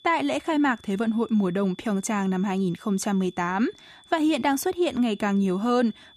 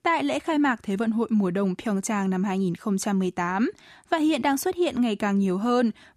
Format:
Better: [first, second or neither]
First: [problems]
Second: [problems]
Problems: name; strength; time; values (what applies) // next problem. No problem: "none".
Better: second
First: high-pitched whine; faint; throughout; 3.5 kHz, 25 dB below the speech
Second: none